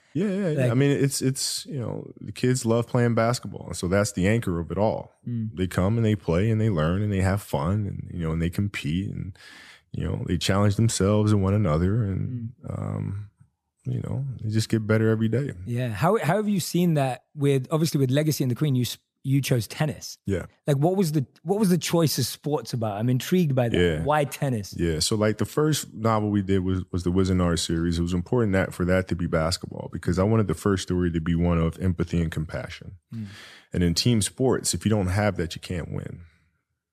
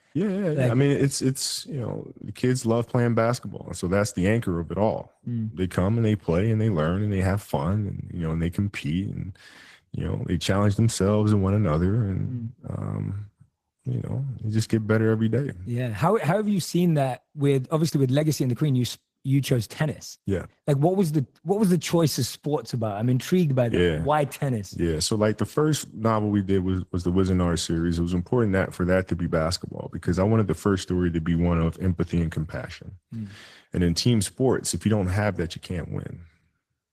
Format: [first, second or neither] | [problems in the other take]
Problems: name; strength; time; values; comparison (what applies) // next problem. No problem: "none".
first | garbled, watery; slightly; nothing above 14.5 kHz